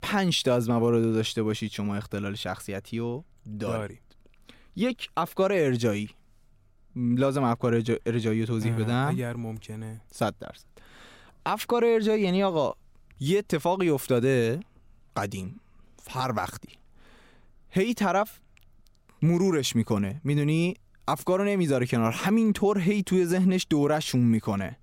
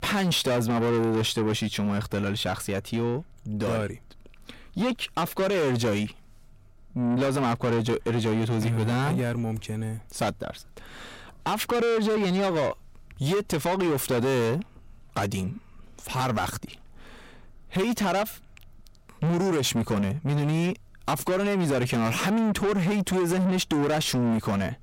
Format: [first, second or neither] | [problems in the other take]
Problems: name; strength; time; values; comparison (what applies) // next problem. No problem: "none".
first | distortion; heavy; 7 dB below the speech